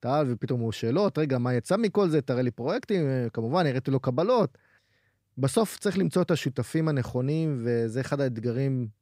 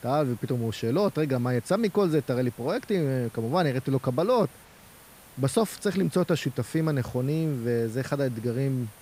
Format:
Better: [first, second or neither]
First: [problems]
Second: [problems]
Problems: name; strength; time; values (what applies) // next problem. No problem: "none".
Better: first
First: none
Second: hiss; faint; throughout; 20 dB below the speech